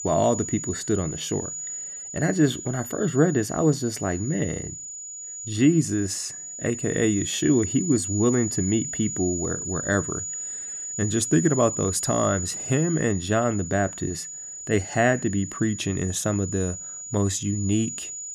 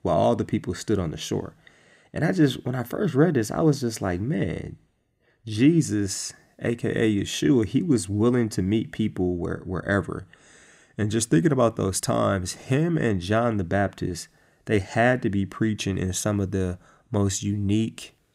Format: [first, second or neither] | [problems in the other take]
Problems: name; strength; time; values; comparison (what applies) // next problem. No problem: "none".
second | high-pitched whine; loud; throughout; 7 kHz, 7 dB below the speech